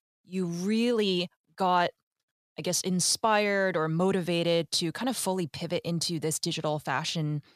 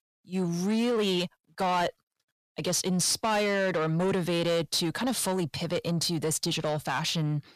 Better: first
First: none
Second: distortion; slight; 10 dB below the speech

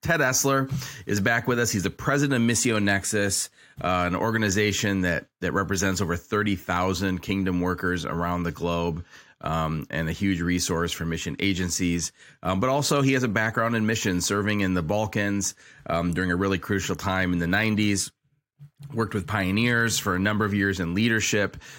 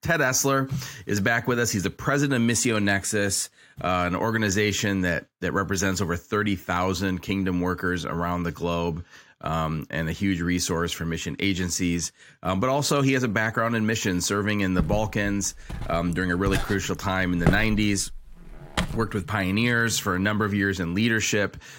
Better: first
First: none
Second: footsteps; noticeable; from 15 to 19 s; peak 2 dB below the speech

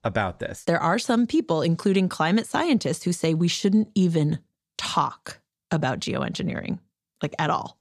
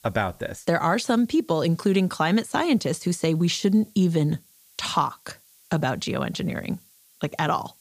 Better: first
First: none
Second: hiss; faint; throughout; 30 dB below the speech

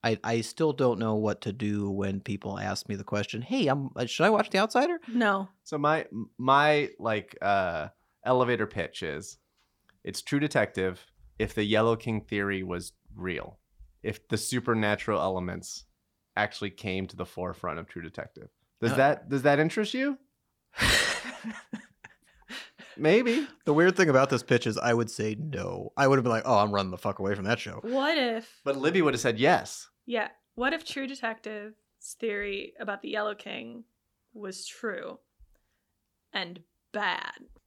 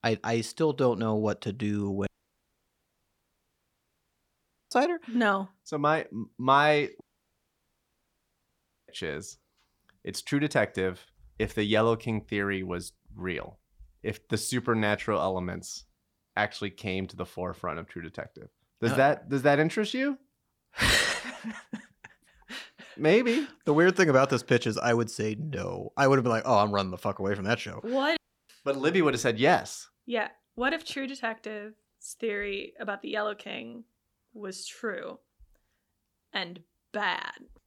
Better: first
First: none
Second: audio cutting out; at 2 s for 2.5 s, at 7 s for 2 s and at 28 s

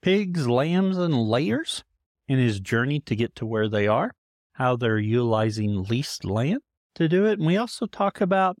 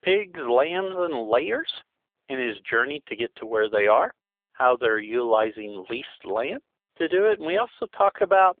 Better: first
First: none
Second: phone-call audio; poor line

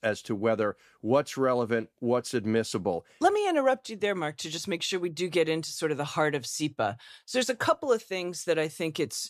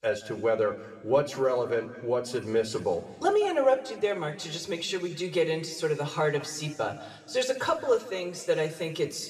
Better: first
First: none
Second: room echo; slight; dies away in 1.7 s

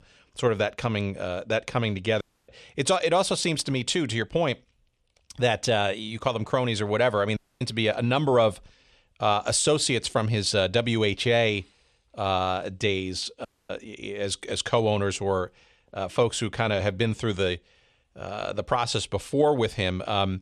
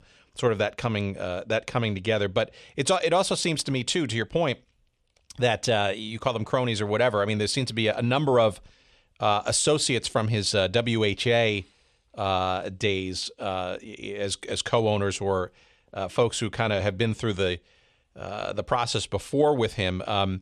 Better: second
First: audio cutting out; at 2 s, at 7.5 s and at 13 s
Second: none

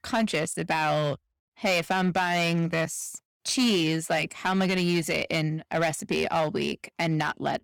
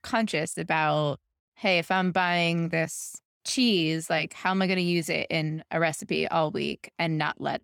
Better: second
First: distortion; slight; 6% of the sound clipped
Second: none

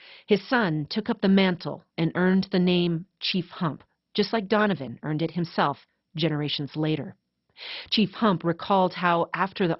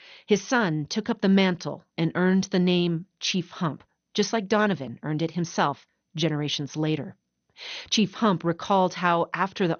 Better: second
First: garbled, watery; badly; nothing above 5.5 kHz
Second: garbled, watery; slightly; nothing above 6.5 kHz

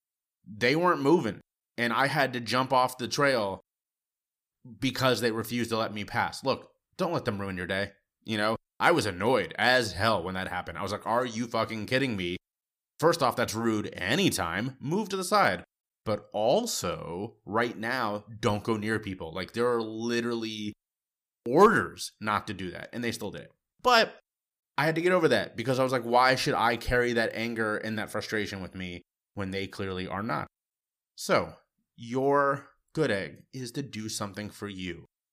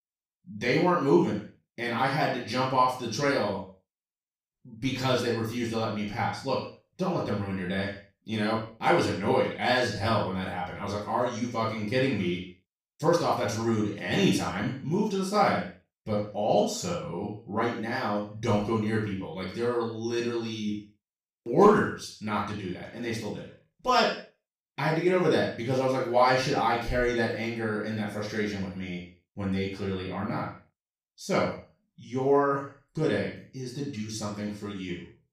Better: first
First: none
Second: room echo; noticeable; dies away in 0.4 s // off-mic speech; far

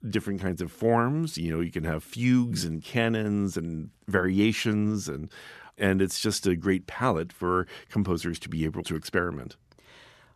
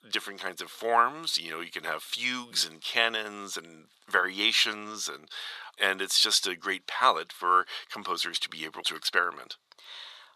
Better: first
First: none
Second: thin; very; fading below 850 Hz

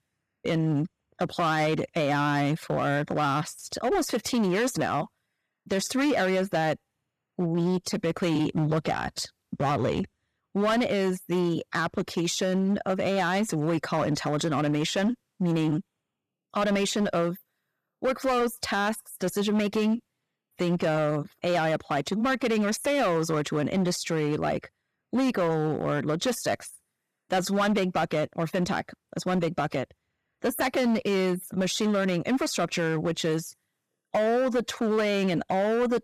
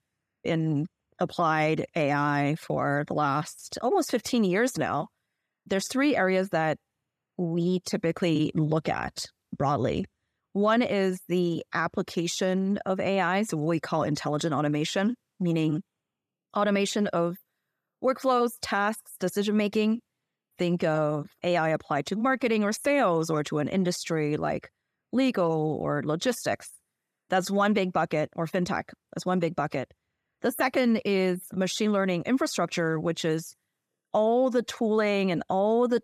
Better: second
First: distortion; slight; 12% of the sound clipped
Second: none

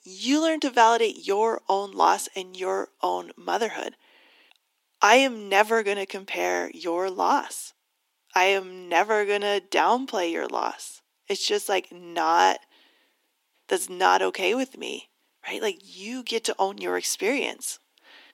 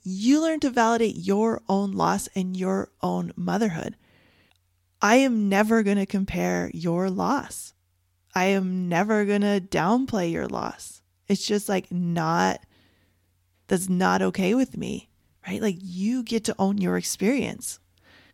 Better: second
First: thin; somewhat; fading below 300 Hz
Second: none

